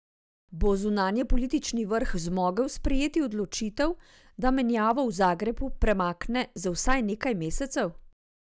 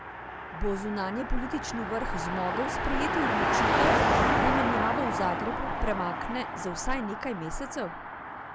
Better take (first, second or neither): first